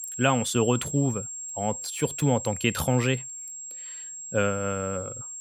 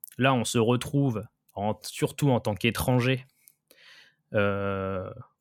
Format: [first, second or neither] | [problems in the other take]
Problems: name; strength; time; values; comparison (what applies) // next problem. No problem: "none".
second | high-pitched whine; loud; throughout; 7.5 kHz, 8 dB below the speech